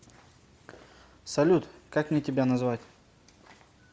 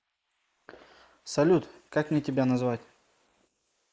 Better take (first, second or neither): first